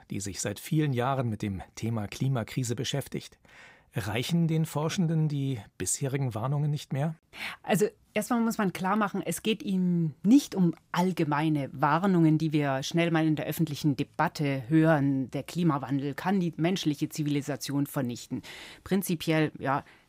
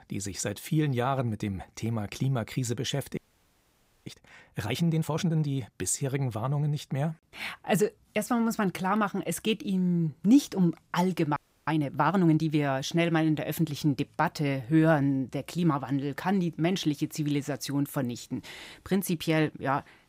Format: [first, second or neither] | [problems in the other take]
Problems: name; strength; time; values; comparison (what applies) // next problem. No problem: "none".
first | audio freezing; at 3 s for 1 s and at 11 s